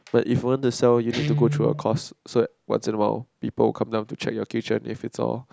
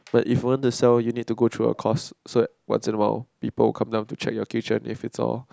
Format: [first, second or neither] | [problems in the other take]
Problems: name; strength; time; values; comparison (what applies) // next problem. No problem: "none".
second | background sound (Guitar); 10 dB below the speech